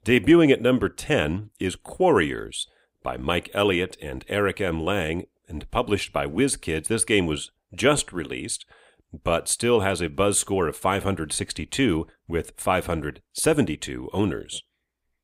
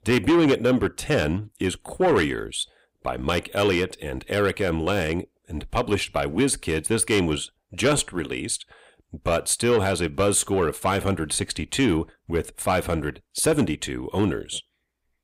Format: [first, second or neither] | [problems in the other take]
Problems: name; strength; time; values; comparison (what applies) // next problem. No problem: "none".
first | distortion; slight; 10 dB below the speech